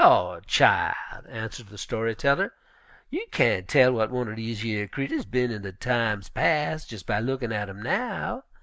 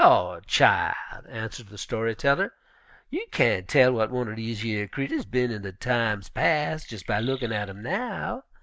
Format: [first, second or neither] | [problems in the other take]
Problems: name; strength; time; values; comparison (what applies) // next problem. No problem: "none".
first | noise reduction (neural mask model DeepFilterNet 3)